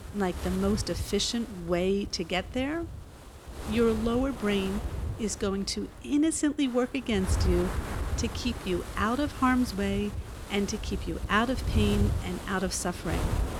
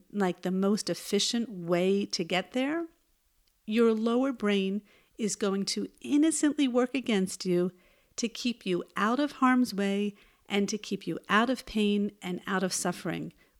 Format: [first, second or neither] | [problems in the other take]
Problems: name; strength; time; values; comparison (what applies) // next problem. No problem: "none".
second | wind noise on the microphone; occasional gusts; 10 dB below the speech